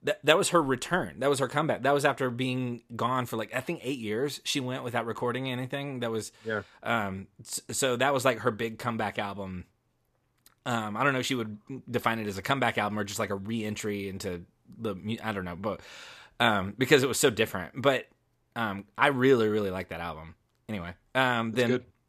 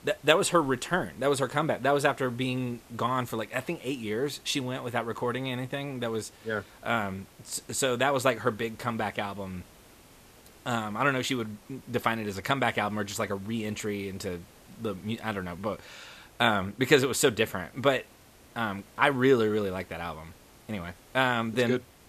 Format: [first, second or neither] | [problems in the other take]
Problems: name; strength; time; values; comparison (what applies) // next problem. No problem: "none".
first | hiss; faint; throughout; 25 dB below the speech